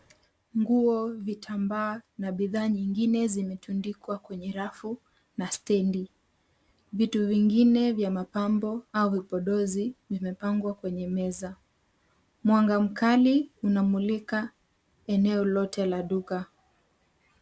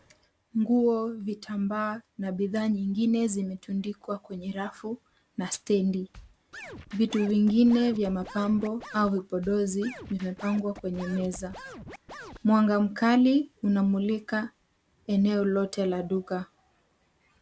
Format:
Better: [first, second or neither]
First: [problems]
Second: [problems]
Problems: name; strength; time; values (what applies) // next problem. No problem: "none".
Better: first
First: none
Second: background sound (Scratching (performance technique)); 17 dB below the speech